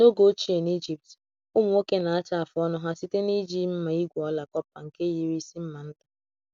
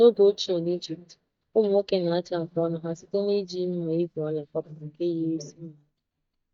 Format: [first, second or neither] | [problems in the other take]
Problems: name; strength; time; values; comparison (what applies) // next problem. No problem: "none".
first | noise reduction (neural mask model DeepFilterNet 3)